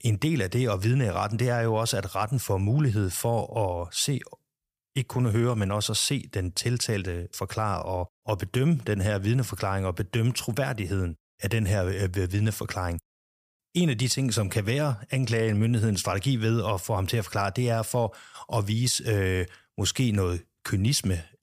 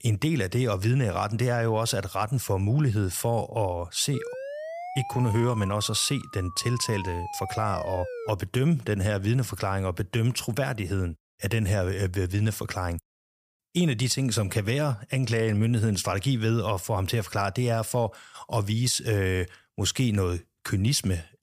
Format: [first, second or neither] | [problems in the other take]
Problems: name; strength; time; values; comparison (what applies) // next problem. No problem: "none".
first | siren; noticeable; from 4 to 8.5 s; peak 9 dB below the speech